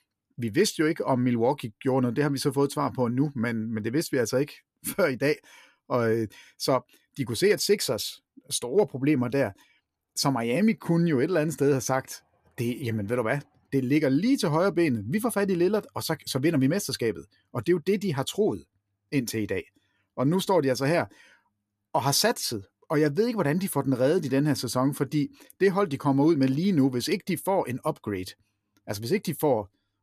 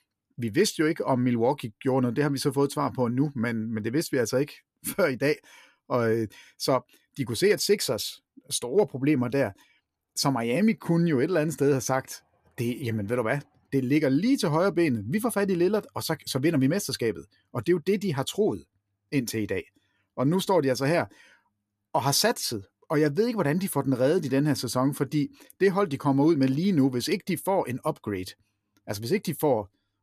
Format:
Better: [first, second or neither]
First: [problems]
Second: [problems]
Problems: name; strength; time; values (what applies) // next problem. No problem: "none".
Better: neither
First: none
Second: none